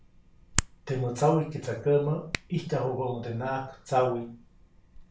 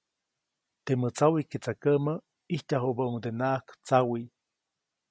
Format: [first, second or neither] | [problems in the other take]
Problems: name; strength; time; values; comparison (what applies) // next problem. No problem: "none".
second | background sound (Hands); 11 dB below the speech // room echo; dies away in 0.4 s